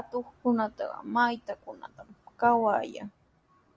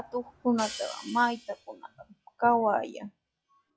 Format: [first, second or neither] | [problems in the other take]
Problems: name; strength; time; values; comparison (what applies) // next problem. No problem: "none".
first | noise reduction (classical method log-MMSE)